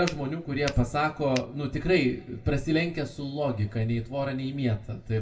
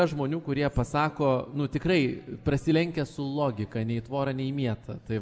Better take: second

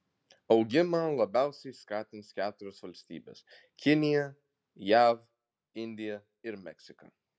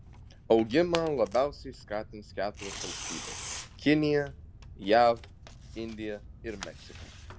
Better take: first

